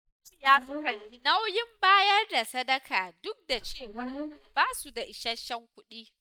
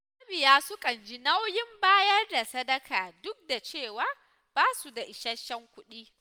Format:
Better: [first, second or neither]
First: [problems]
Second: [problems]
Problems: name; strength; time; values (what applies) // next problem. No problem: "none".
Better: second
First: noise reduction (neural mask model DeepFilterNet 3)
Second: none